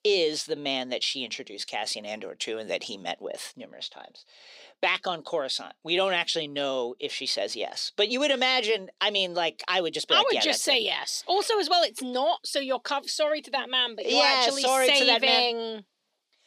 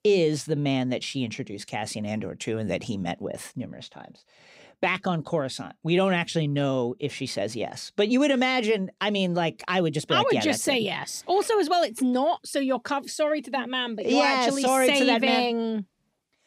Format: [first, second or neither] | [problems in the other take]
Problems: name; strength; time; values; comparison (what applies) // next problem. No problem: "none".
second | thin; somewhat; fading below 500 Hz